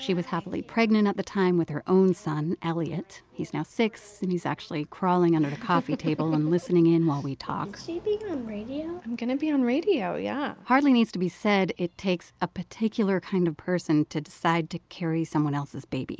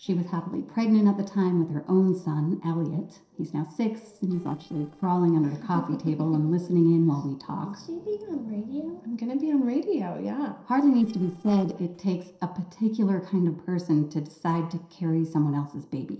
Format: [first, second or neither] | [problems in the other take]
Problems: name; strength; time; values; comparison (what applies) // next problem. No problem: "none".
first | noise reduction (neural separator model SepFormer DNS4)